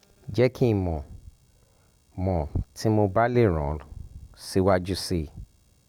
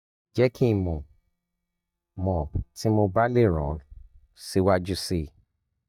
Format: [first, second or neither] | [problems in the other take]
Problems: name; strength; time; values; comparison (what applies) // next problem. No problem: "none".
first | noise reduction (neural mask model DeepFilterNet 3)